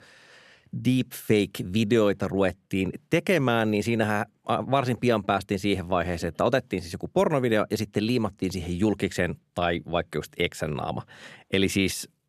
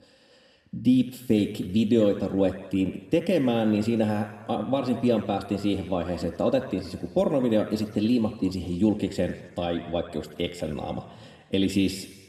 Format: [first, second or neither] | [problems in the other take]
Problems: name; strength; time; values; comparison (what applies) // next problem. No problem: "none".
first | room echo; slight; dies away in 1.3 s